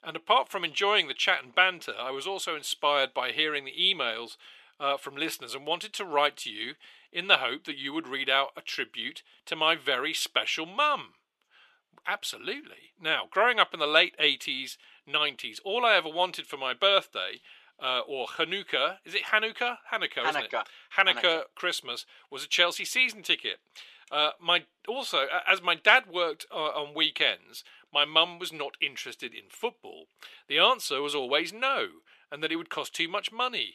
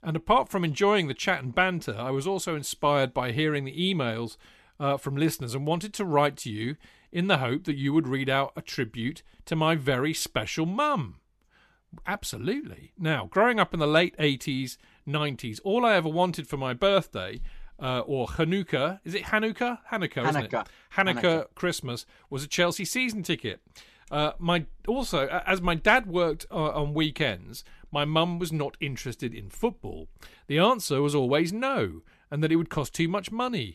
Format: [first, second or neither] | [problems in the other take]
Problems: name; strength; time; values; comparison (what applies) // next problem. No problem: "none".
second | thin; very; fading below 500 Hz